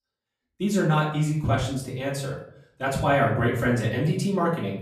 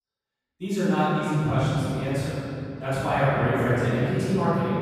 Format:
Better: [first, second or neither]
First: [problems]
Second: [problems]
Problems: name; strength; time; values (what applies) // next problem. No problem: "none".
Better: first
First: room echo; slight; dies away in 0.5 s // off-mic speech; far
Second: room echo; strong; dies away in 3 s // off-mic speech; far